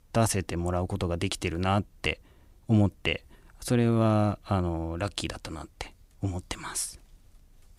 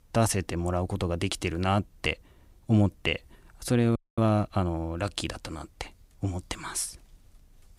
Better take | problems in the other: first | audio freezing; at 4 s

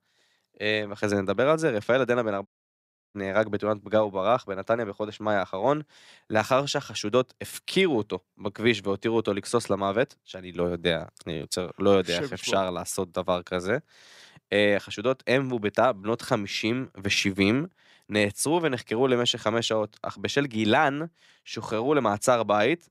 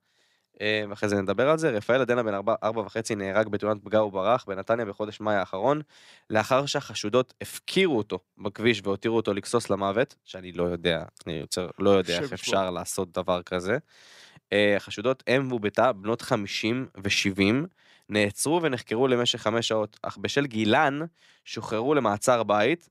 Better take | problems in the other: second | audio cutting out; at 2.5 s for 0.5 s

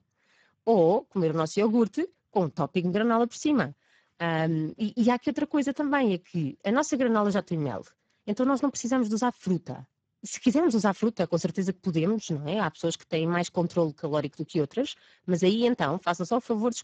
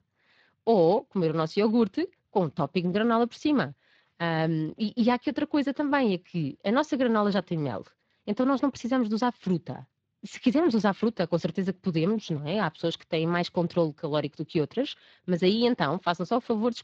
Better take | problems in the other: second | garbled, watery; badly; nothing above 7.5 kHz; slightly in the second

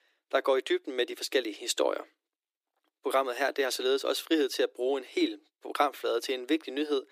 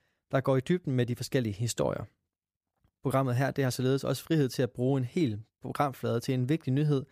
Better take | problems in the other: second | thin; very; fading below 300 Hz

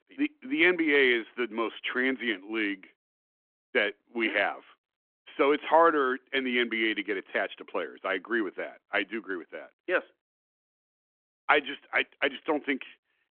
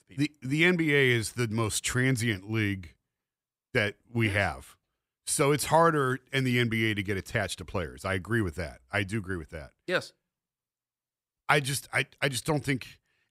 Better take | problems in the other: second | phone-call audio

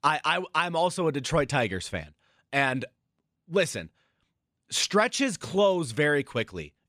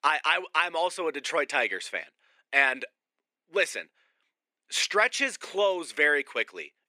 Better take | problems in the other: first | thin; somewhat; fading below 350 Hz

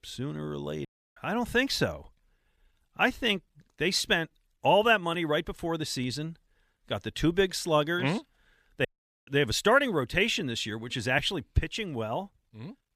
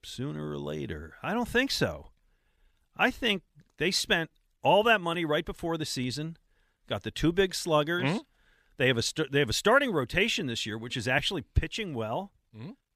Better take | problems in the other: second | audio cutting out; at 1 s and at 9 s

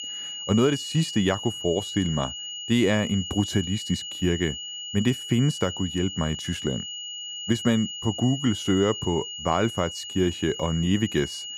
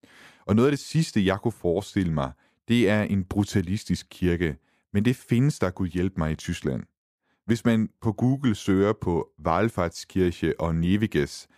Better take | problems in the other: second | high-pitched whine; loud; throughout; 3 kHz, 7 dB below the speech

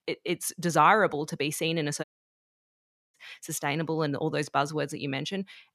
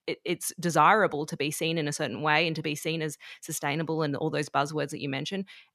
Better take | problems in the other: second | audio cutting out; at 2 s for 1 s

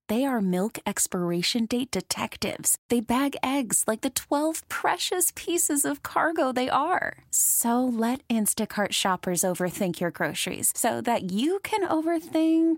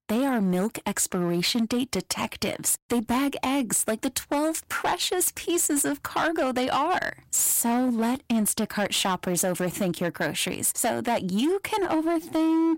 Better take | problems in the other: first | distortion; slight; 13% of the sound clipped

